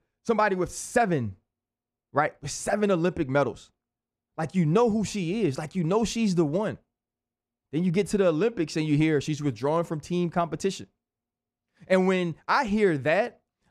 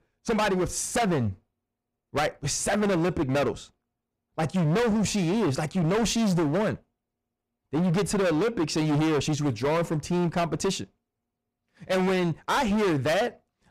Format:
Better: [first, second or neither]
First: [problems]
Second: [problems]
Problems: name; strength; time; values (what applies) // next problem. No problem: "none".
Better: first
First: none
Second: distortion; heavy; 24% of the sound clipped